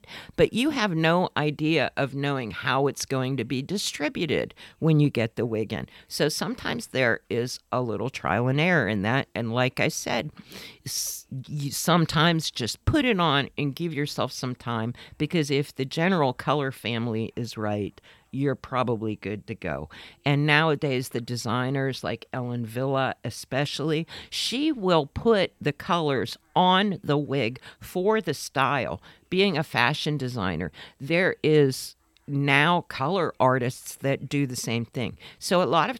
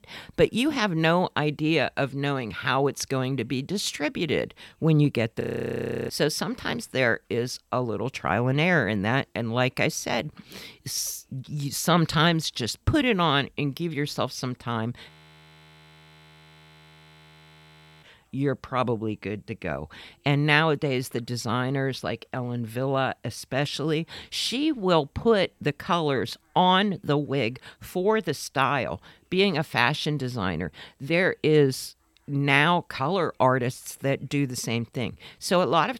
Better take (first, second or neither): first